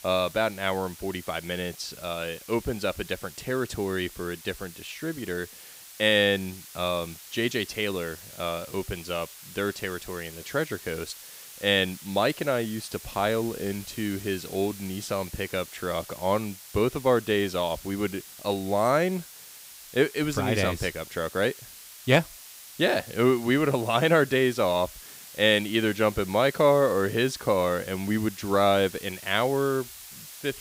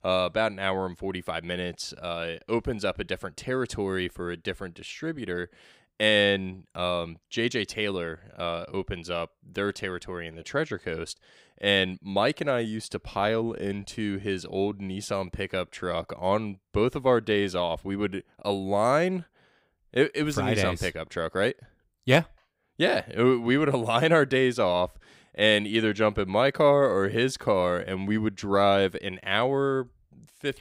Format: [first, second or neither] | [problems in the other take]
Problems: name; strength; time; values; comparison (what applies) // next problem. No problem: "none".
second | hiss; noticeable; throughout; 15 dB below the speech